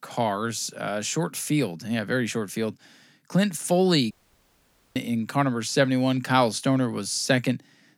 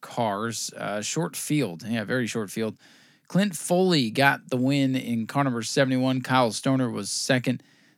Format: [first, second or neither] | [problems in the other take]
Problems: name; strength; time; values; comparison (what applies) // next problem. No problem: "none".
second | audio cutting out; at 4 s for 1 s